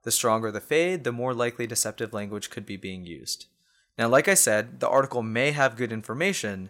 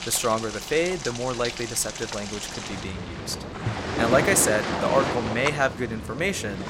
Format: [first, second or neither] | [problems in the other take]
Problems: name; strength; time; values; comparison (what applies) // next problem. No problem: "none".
first | rain or running water; loud; throughout; 5 dB below the speech